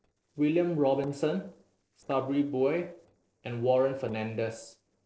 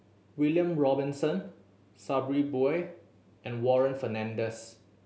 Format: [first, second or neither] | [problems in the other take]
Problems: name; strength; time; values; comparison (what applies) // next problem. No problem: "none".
second | noise reduction (neural separator model SepFormer DNS4)